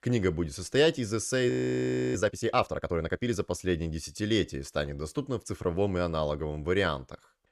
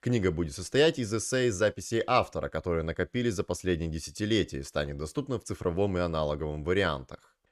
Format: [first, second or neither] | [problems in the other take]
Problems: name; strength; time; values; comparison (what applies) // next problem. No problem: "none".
second | audio freezing; at 1.5 s for 0.5 s